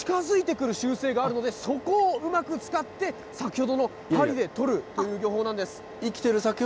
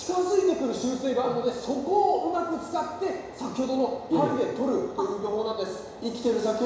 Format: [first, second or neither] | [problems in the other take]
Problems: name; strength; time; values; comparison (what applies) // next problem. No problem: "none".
first | room echo; dies away in 1 s